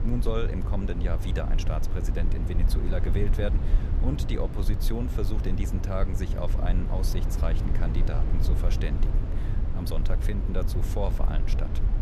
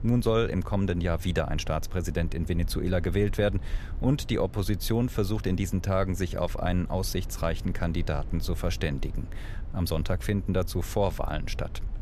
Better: second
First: low rumble; loud; throughout; 6 dB below the speech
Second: low rumble; faint; throughout; 20 dB below the speech

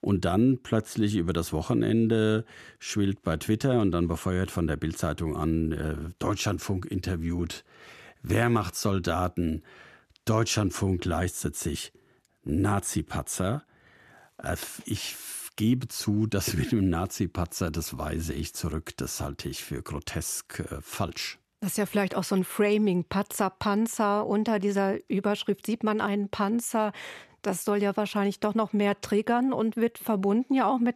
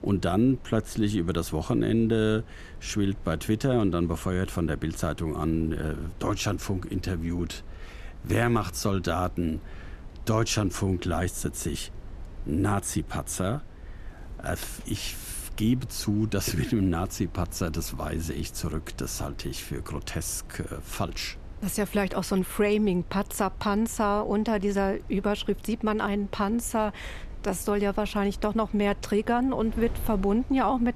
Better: first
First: none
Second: wind noise on the microphone; occasional gusts; 25 dB below the speech

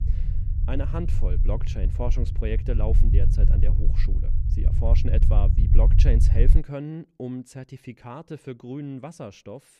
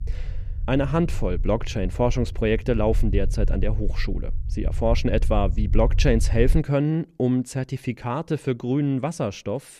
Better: second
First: low rumble; loud; until 6.5 s; 5 dB below the speech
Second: low rumble; faint; until 6.5 s; 20 dB below the speech

